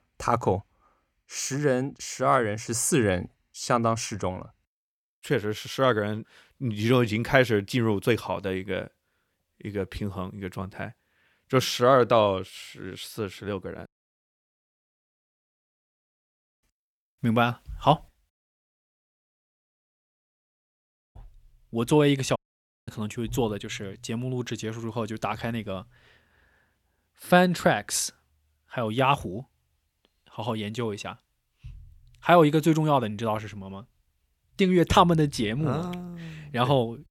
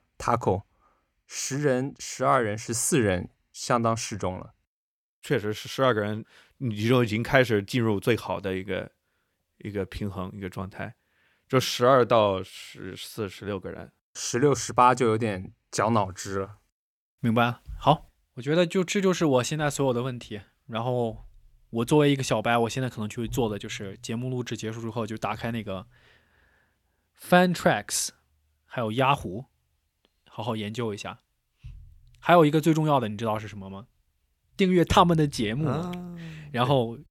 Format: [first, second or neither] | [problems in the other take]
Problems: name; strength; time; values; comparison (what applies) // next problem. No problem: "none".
second | audio cutting out; at 14 s for 3 s, at 18 s for 3 s and at 22 s for 0.5 s